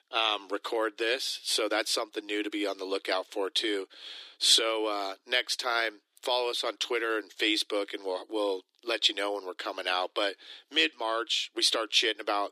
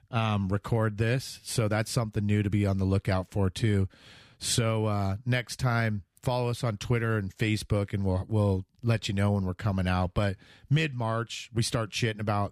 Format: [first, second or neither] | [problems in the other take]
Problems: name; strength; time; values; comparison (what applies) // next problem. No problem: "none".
second | thin; very; fading below 300 Hz